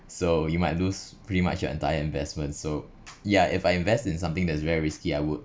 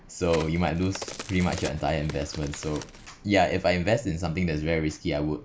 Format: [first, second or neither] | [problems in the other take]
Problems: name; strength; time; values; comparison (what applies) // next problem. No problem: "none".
first | background sound (Crack); 14 dB below the speech